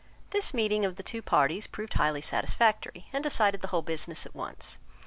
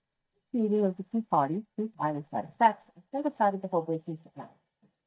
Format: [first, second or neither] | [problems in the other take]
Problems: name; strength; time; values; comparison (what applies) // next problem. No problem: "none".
first | noise reduction (neural mask model DeepFilterNet 3)